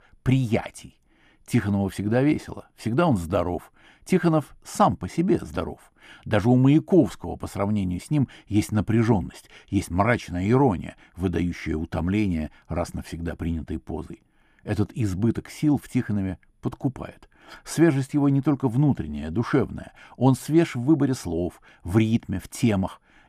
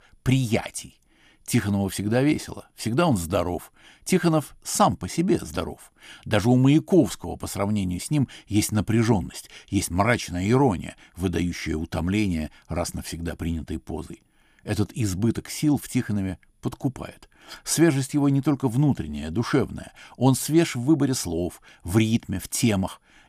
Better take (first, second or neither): second